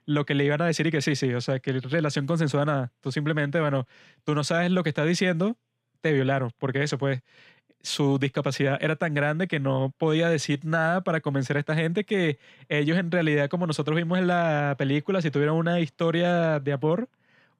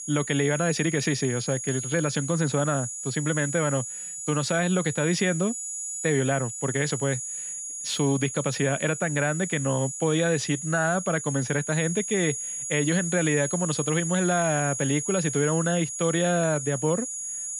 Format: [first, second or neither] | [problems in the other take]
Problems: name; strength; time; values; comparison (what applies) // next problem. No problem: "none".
first | high-pitched whine; loud; throughout; 6.5 kHz, 5 dB below the speech